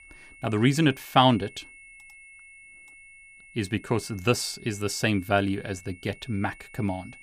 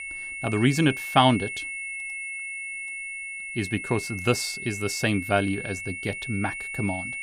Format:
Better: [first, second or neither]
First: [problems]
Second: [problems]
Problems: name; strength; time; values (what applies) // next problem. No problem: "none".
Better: first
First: high-pitched whine; faint; throughout; 2 kHz, 20 dB below the speech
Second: high-pitched whine; loud; throughout; 2 kHz, 6 dB below the speech